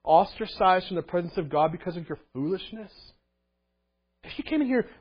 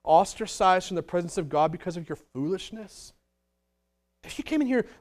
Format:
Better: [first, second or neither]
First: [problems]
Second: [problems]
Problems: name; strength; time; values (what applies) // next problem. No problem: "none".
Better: second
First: garbled, watery; badly; nothing above 4 kHz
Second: none